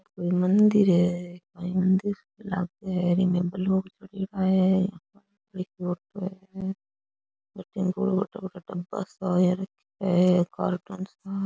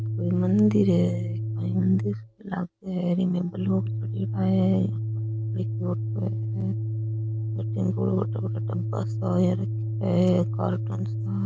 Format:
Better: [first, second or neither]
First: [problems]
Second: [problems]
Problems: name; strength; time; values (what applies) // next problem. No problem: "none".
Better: first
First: none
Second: background sound (Organ); 1 dB below the speech